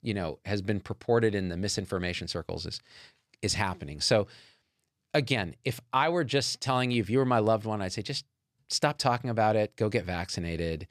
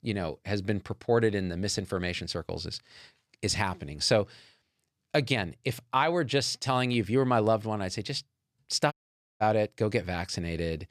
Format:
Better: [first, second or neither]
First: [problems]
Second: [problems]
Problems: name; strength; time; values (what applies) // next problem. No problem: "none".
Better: first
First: none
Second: audio cutting out; at 9 s